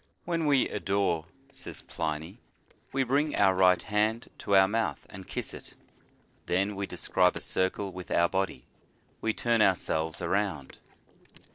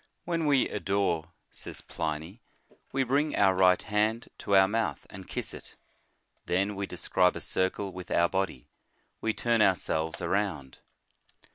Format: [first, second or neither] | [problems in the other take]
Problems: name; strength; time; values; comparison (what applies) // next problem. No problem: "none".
second | noise reduction (neural separator model SepFormer DNS4)